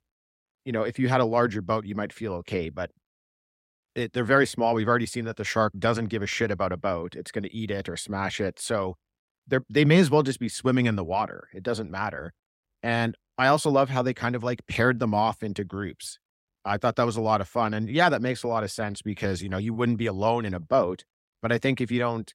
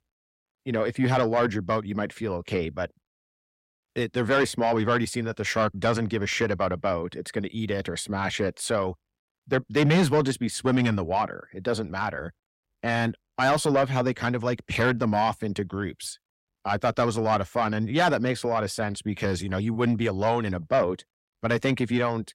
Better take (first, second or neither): first